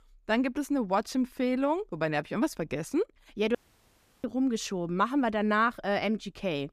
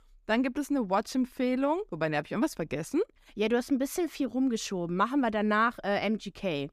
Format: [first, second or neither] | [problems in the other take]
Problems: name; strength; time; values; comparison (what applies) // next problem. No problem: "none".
second | audio cutting out; at 3.5 s for 0.5 s